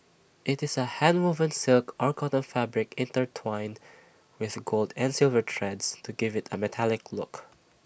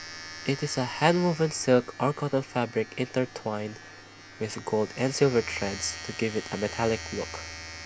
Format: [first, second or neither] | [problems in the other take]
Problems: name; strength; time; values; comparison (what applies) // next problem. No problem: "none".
first | background sound (Domestic sounds, home sounds); 13 dB below the speech